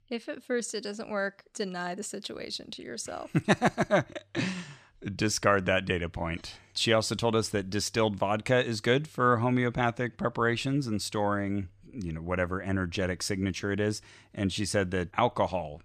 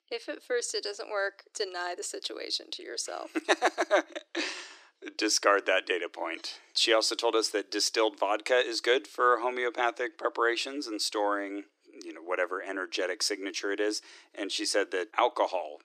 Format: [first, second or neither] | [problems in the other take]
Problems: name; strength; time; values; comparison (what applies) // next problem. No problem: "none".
first | thin; very; fading below 300 Hz